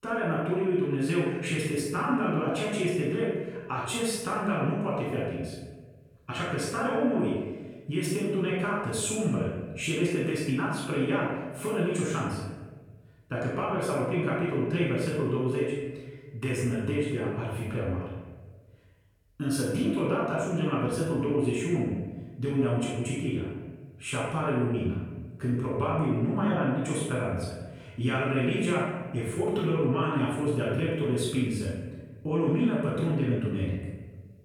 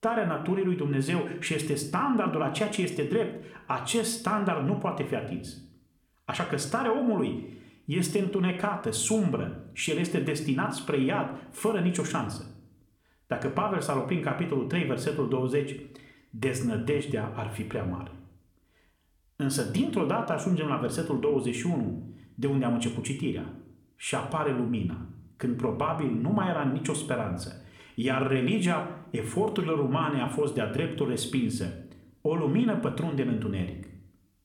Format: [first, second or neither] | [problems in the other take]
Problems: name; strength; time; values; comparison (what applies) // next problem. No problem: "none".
second | room echo; strong; dies away in 1.1 s; slight in the second // off-mic speech; far